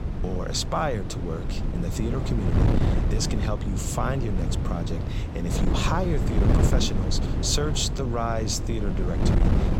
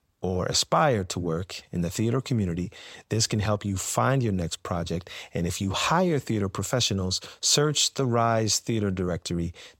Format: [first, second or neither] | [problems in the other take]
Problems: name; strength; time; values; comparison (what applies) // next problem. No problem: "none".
second | wind noise on the microphone; heavy; 4 dB below the speech